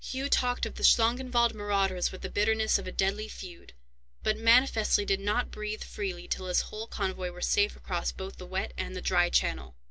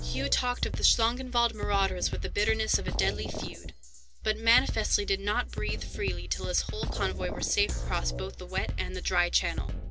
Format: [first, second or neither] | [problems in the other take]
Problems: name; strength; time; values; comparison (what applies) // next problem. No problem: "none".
first | background sound (Drum kit); 4 dB below the speech